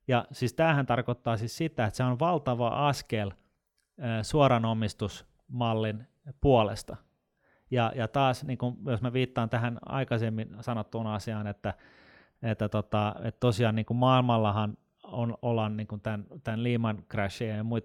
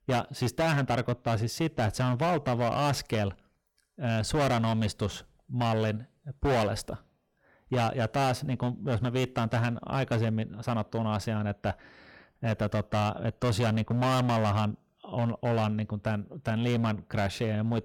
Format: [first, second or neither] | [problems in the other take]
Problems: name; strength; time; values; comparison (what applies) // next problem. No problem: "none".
first | distortion; heavy; 15% of the sound clipped